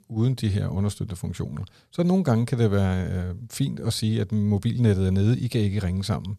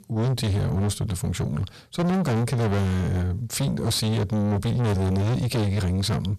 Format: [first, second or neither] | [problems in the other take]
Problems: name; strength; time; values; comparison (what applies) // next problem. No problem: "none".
first | distortion; heavy; 5 dB below the speech